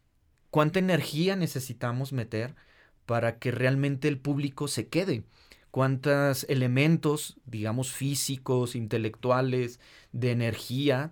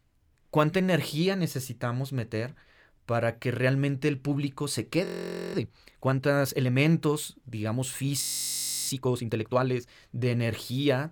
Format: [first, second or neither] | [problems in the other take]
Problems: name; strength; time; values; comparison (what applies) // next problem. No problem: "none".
first | audio freezing; at 5 s and at 8 s for 0.5 s